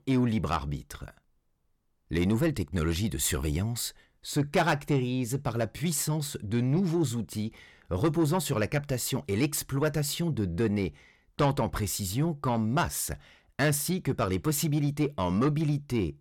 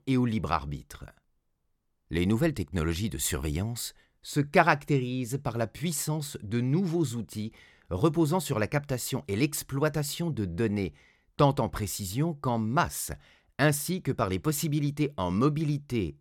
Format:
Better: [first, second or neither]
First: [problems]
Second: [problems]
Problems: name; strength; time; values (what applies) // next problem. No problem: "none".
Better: second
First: distortion; slight; 10 dB below the speech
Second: none